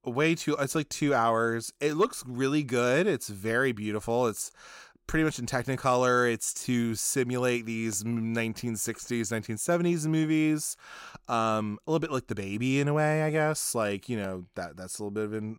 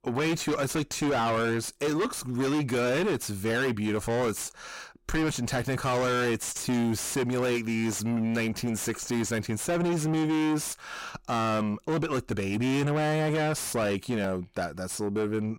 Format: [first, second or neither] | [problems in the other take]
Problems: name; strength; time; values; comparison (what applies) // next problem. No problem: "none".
first | distortion; heavy; 6 dB below the speech